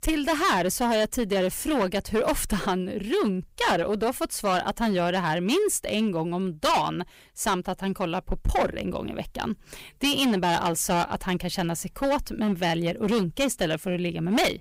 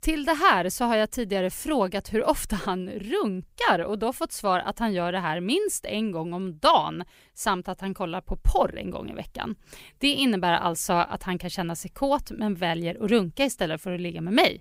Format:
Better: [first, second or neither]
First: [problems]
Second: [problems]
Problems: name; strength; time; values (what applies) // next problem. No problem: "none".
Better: second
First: distortion; heavy; 12% of the sound clipped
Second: none